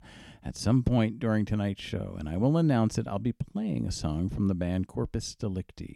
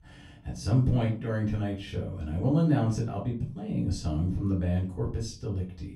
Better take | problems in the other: first | off-mic speech; far // room echo; slight; dies away in 0.3 s

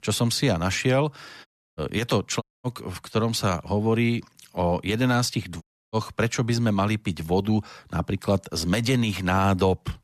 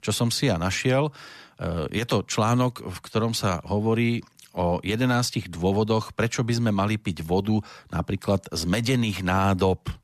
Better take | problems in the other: second | audio cutting out; at 1.5 s, at 2.5 s and at 5.5 s

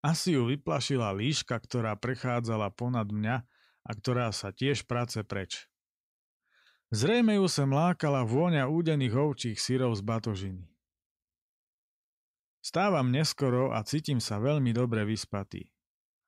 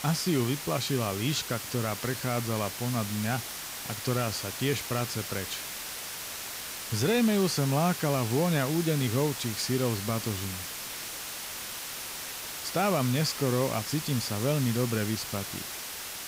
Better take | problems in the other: first | hiss; loud; throughout; 6 dB below the speech

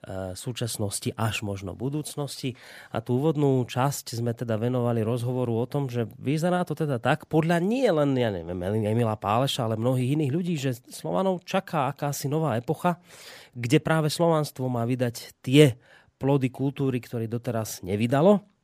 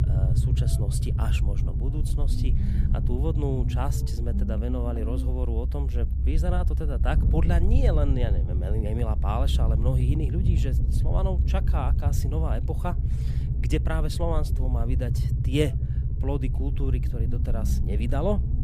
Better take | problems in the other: first | low rumble; loud; throughout; 6 dB below the speech

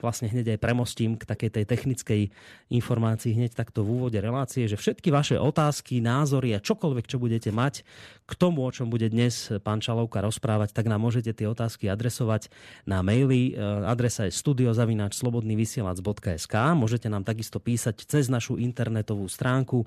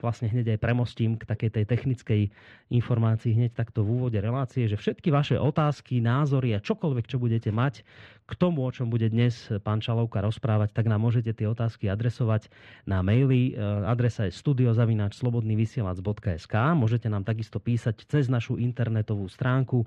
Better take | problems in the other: first | muffled; slightly; fading above 2.5 kHz

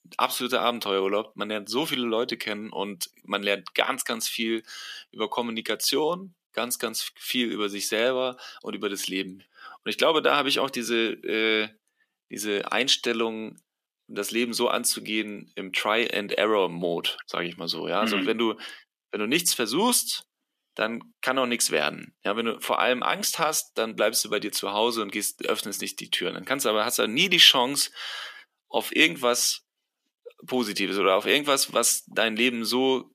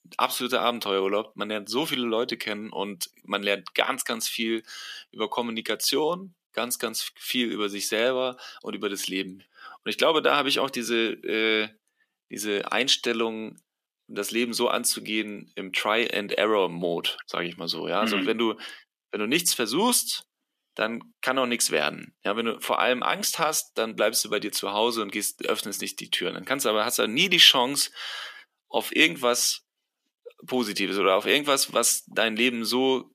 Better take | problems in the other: neither | thin; somewhat; fading below 300 Hz; the same in both

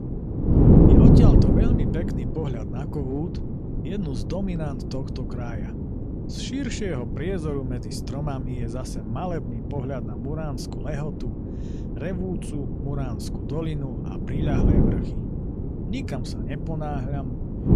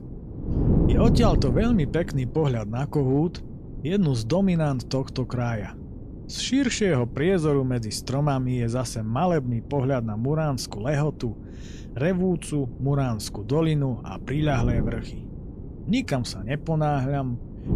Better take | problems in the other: second | wind noise on the microphone; heavy; 3 dB above the speech; occasional gusts in the second

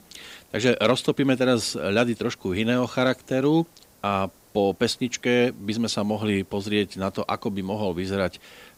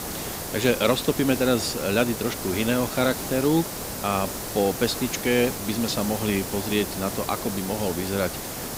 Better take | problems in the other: first | hiss; loud; throughout; 6 dB below the speech; faint in the first

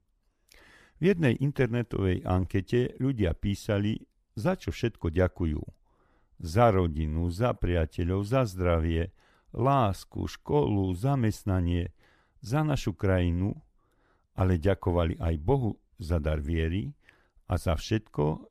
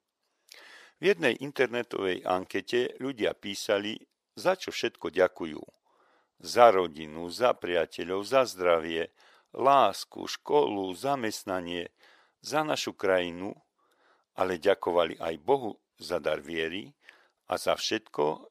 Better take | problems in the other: first | thin; very; fading below 500 Hz

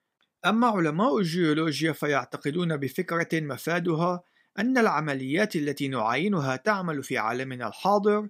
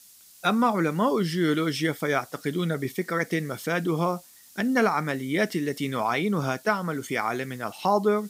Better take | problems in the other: first | hiss; faint; throughout; 25 dB below the speech

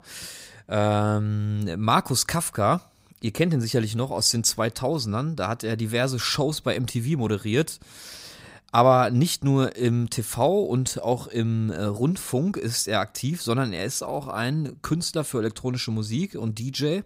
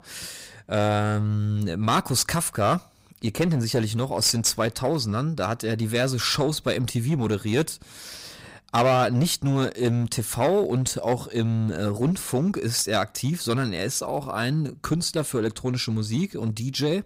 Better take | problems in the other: first | distortion; slight; 6% of the sound clipped

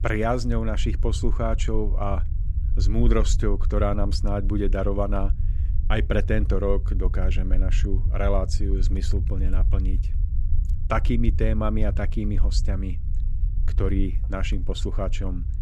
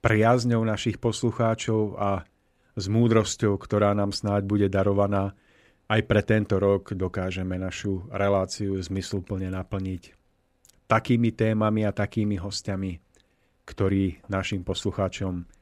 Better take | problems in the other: second | low rumble; noticeable; throughout; 15 dB below the speech

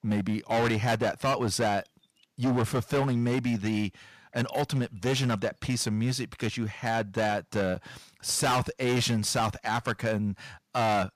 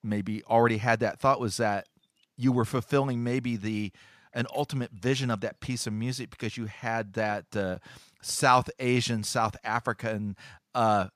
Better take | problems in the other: second | distortion; heavy; 14% of the sound clipped

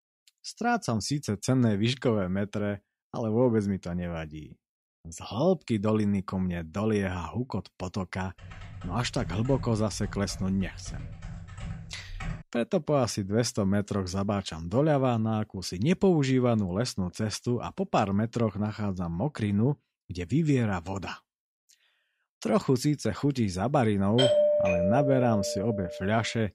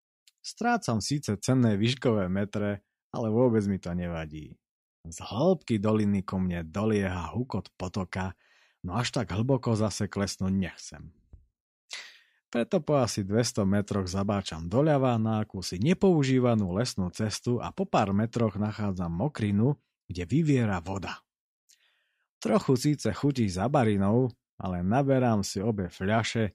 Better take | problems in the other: second | keyboard typing; faint; from 8.5 to 12 s; peak 10 dB below the speech // doorbell; loud; from 24 to 26 s; peak 6 dB above the speech

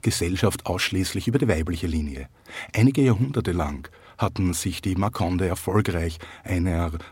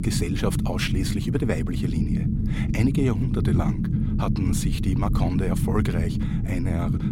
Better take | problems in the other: first | low rumble; loud; throughout; 3 dB below the speech

